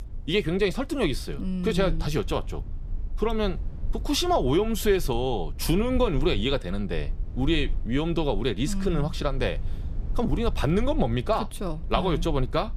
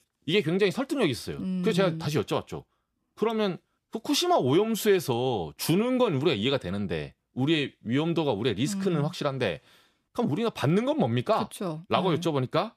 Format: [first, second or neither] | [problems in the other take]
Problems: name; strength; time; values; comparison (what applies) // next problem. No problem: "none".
second | low rumble; faint; throughout; 25 dB below the speech